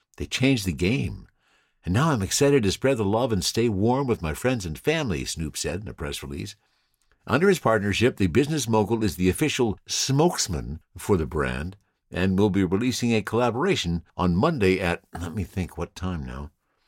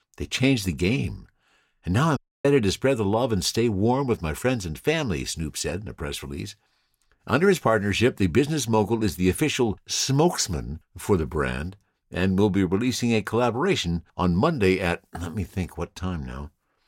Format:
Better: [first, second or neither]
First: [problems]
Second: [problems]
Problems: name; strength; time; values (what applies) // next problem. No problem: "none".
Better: first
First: none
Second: audio cutting out; at 2 s